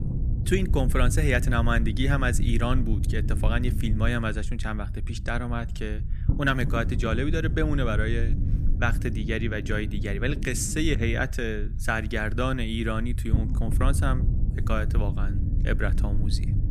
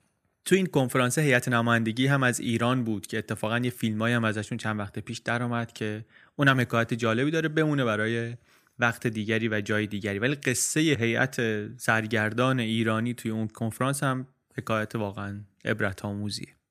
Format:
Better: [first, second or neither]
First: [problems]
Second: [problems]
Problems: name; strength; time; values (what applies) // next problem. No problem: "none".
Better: second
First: low rumble; noticeable; throughout; 10 dB below the speech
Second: none